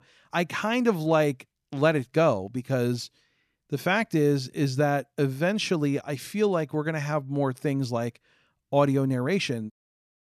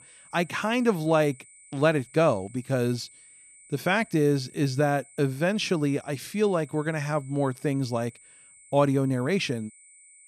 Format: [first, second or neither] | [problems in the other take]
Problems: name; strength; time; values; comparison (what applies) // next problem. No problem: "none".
first | high-pitched whine; faint; throughout; 8.5 kHz, 25 dB below the speech